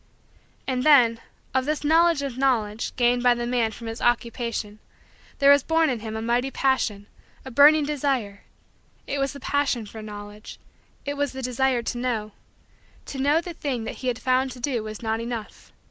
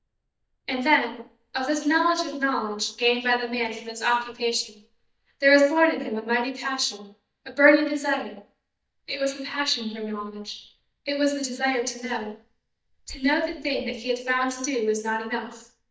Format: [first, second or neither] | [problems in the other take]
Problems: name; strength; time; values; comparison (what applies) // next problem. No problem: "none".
first | noise reduction (neural mask model DeepFilterNet 3)